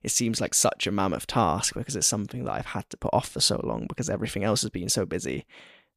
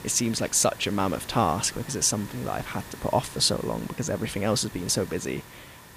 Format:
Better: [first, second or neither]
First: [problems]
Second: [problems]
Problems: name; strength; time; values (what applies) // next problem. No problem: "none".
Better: first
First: none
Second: hiss; noticeable; throughout; 15 dB below the speech